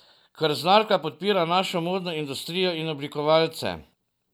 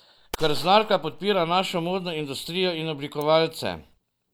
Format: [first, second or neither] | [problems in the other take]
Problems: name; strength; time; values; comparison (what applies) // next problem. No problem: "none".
first | background sound (Gunshot, gunfire); 13 dB below the speech